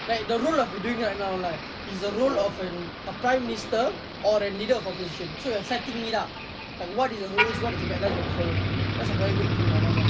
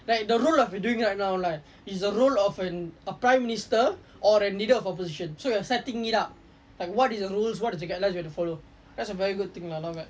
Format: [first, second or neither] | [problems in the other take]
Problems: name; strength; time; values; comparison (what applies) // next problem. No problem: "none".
second | background sound (Motor vehicle (road)); 1 dB below the speech